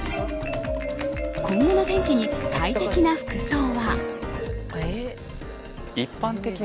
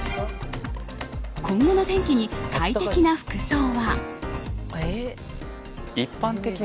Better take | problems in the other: second | background sound (Marimba, xylophone); 6 dB below the speech

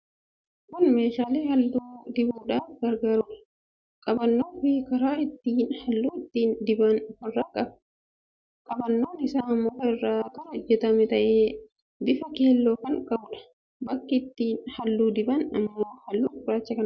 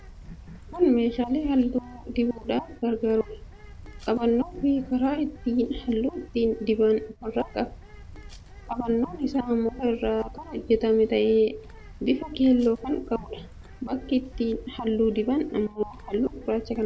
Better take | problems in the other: first | background sound (Bird); 17 dB below the speech

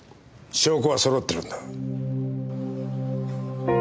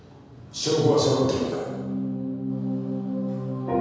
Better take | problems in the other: first | room echo; dies away in 1.2 s

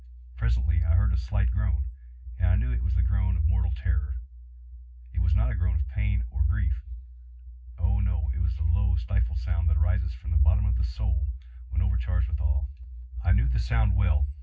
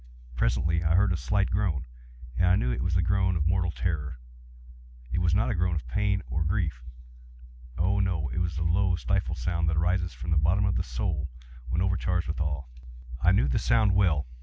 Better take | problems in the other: second | room echo; dies away in 0.4 s

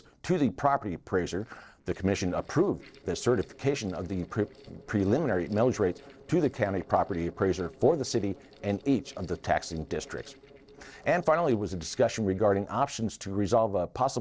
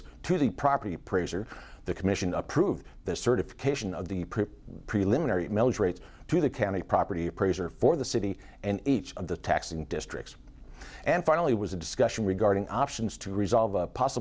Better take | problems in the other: second | noise reduction (neural separator model SepFormer DNS4)

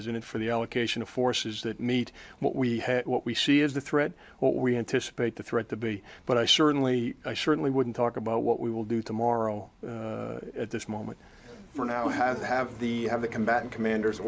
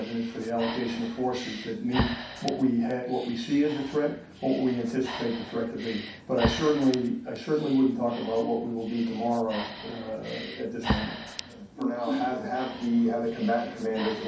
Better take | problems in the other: first | background sound (Breathing); 10 dB below the speech // room echo; dies away in 0.6 s

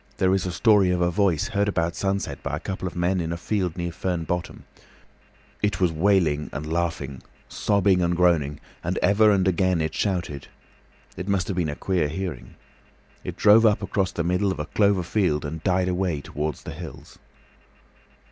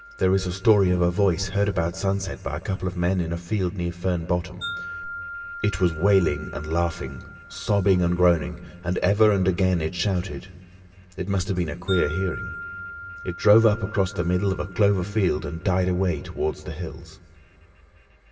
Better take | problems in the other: first | background sound (Wind chime); 17 dB below the speech // room echo; dies away in 2.9 s

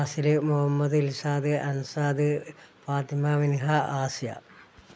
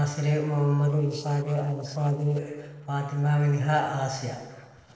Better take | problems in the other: first | noise reduction (neural separator model SepFormer DNS4)

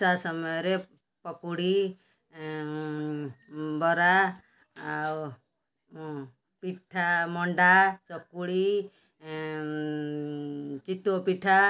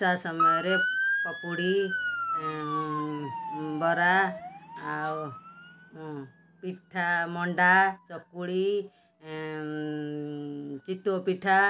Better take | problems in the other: first | background sound (Motor vehicle (road) / Siren); 5 dB below the speech

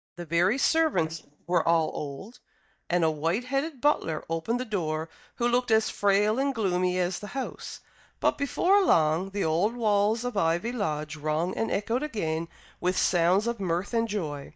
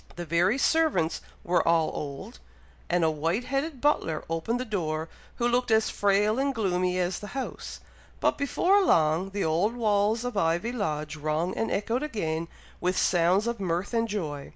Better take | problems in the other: second | noise reduction (neural mask model DeepFilterNet 3)

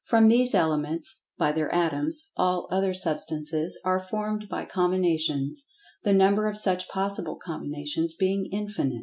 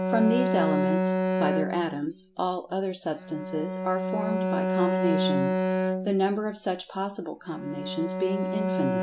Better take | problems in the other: first | background sound (Bowed string instrument); 1 dB above the speech

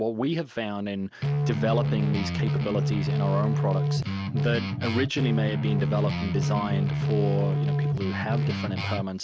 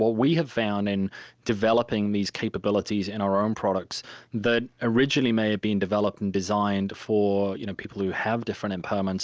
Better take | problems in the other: second | background sound (Guitar); 4 dB above the speech

